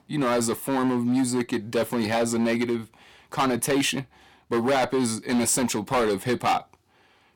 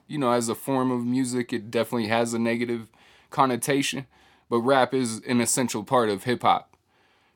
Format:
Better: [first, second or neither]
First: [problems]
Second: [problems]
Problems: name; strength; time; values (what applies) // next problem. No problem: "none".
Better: second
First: distortion; heavy; 11% of the sound clipped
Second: none